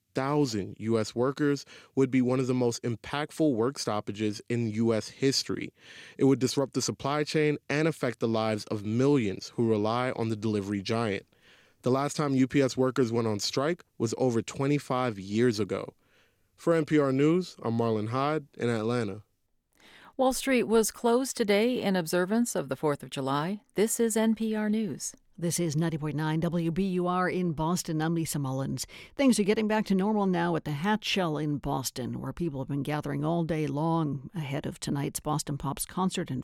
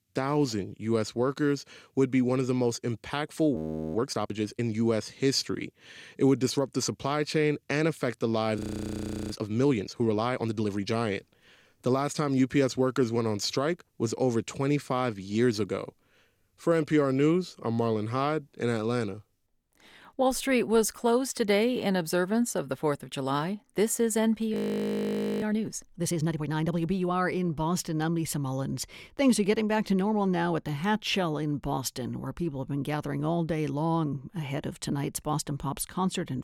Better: first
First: none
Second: audio freezing; at 3.5 s, at 8.5 s for 0.5 s and at 25 s for 1 s

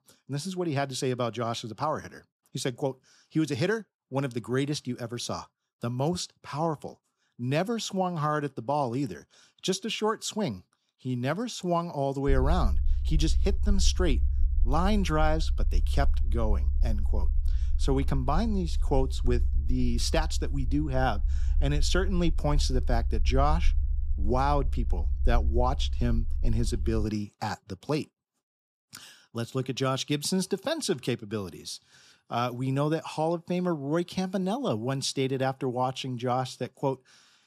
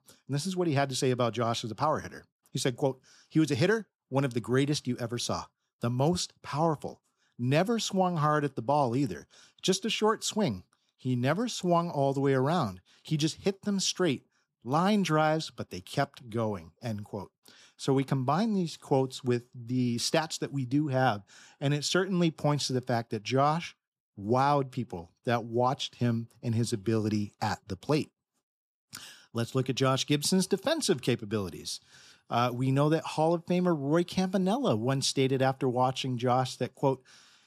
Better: second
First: low rumble; faint; from 12 to 27 s; 20 dB below the speech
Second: none

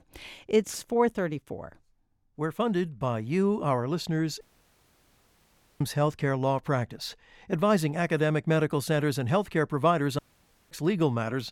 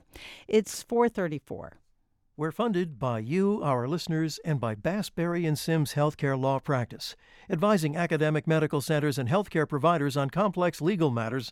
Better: second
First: audio cutting out; at 4.5 s for 1.5 s and at 10 s for 0.5 s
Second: none

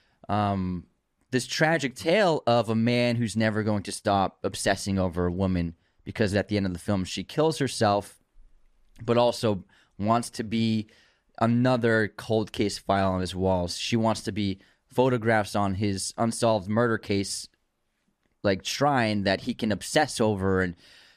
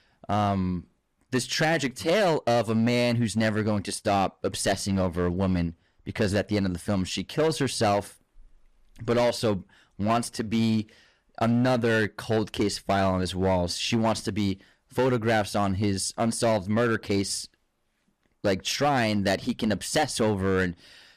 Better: first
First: none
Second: distortion; slight; 8% of the sound clipped

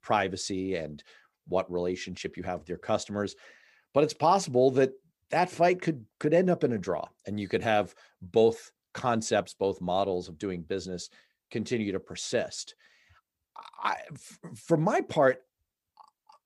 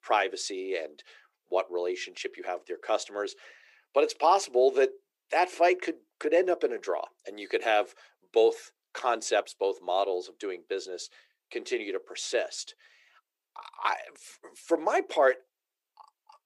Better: first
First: none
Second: thin; very; fading below 350 Hz

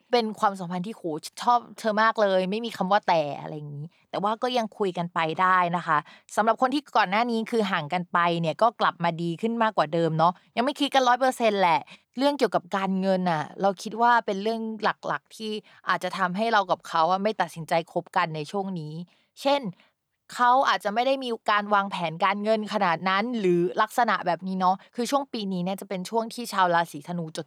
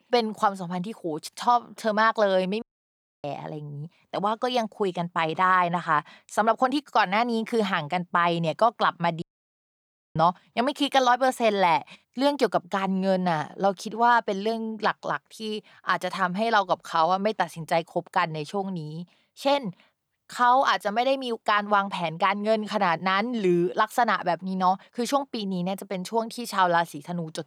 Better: first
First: none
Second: audio cutting out; at 2.5 s for 0.5 s and at 9 s for 1 s

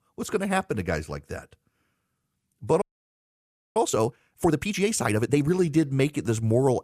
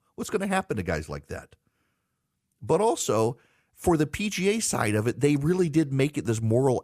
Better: second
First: audio freezing; at 3 s for 1 s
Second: none

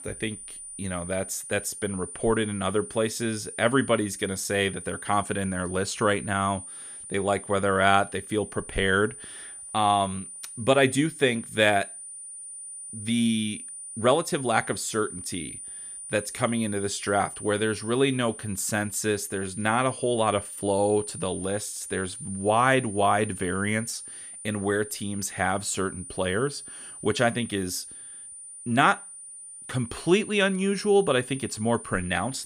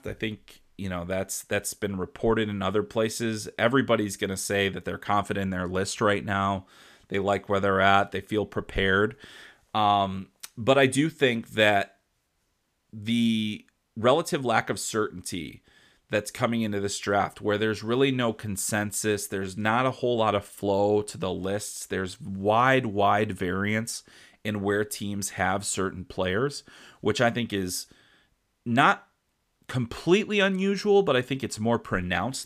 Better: second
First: high-pitched whine; noticeable; throughout; 9.5 kHz, 10 dB below the speech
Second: none

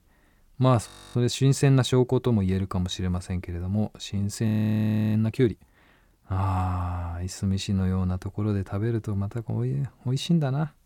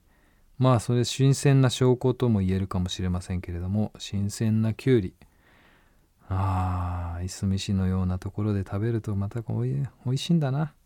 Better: second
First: audio freezing; at 1 s and at 4.5 s for 0.5 s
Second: none

